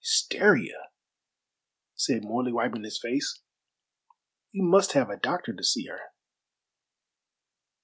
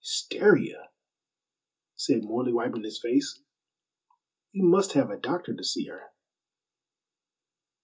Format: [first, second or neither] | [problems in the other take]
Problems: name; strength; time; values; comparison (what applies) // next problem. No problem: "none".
first | room echo; dies away in 0.2 s